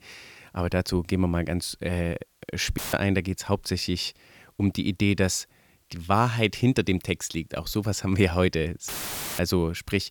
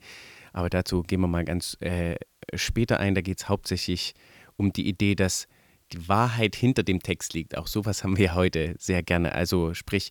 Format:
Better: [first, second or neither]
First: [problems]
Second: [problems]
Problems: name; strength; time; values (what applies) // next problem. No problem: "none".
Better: second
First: audio cutting out; filled with static; at 3 s and at 9 s for 0.5 s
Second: none